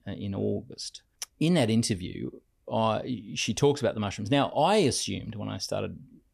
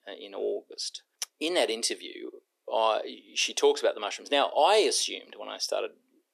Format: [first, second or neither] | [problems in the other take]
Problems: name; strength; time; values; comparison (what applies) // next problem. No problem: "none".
first | thin; very; fading below 350 Hz